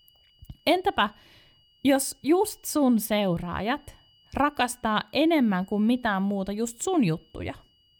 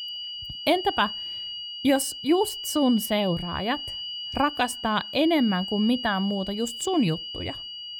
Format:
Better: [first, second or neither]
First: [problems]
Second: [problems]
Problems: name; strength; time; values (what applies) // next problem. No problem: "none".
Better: first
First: high-pitched whine; faint; throughout; 3 kHz, 35 dB below the speech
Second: high-pitched whine; loud; throughout; 3 kHz, 8 dB below the speech